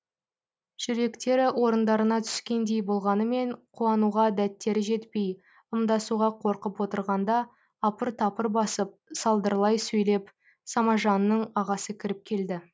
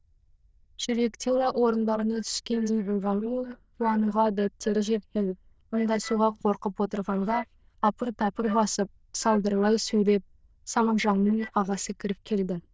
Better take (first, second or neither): first